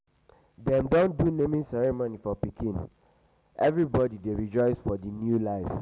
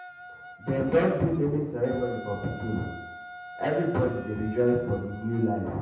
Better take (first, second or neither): first